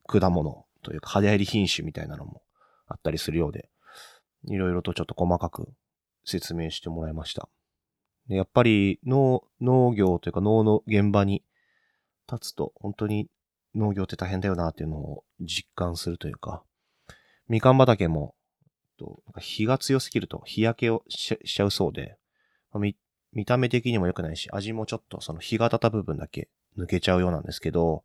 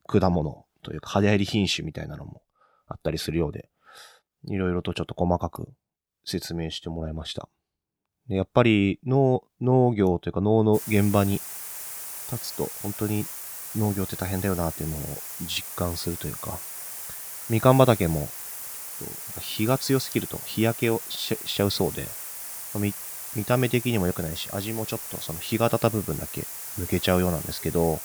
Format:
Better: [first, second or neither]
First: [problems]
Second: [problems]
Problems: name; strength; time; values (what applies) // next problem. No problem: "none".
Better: first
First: none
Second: hiss; loud; from 11 s on; 7 dB below the speech